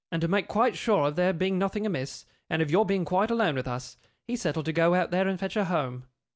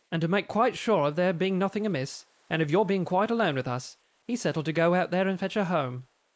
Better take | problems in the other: first | noise reduction (neural mask model Resemble Enhance denoiser)

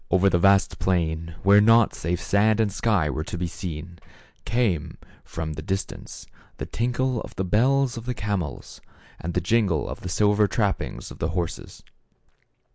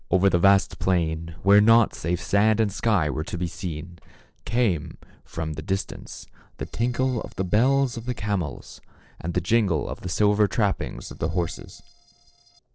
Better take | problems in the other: first | noise reduction (neural separator model SepFormer DNS4)

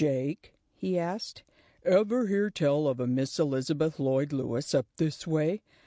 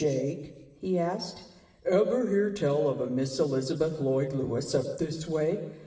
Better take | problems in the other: first | room echo; dies away in 1.2 s

